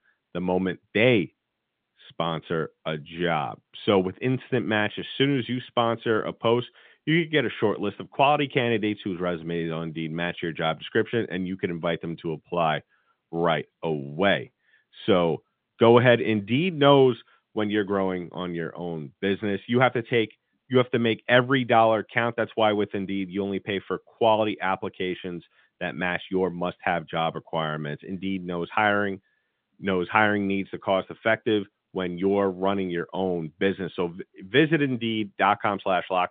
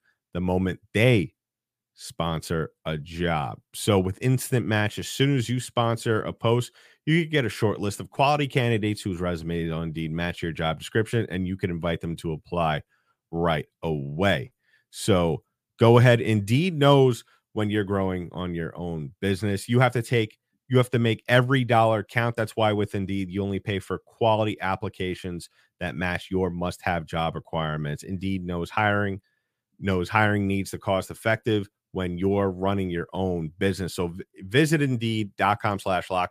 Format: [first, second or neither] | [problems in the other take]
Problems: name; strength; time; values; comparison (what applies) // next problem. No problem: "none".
second | phone-call audio; nothing above 3.5 kHz